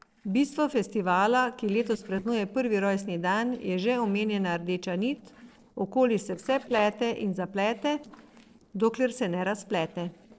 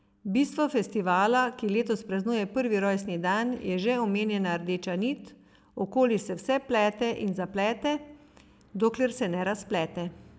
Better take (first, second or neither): second